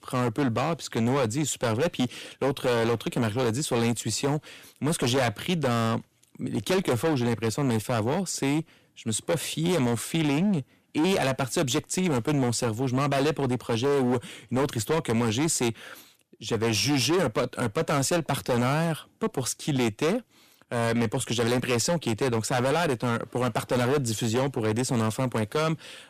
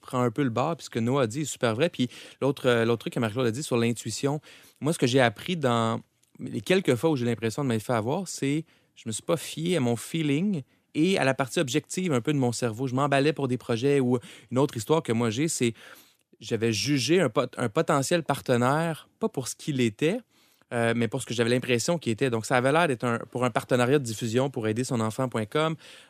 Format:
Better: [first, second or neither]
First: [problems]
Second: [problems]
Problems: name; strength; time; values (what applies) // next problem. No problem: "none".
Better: second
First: distortion; heavy; 16% of the sound clipped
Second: none